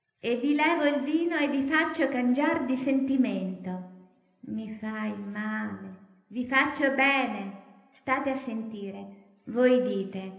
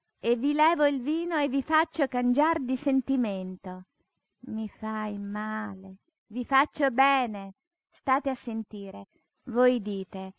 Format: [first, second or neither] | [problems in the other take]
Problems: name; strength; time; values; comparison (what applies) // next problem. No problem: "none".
second | room echo; dies away in 0.8 s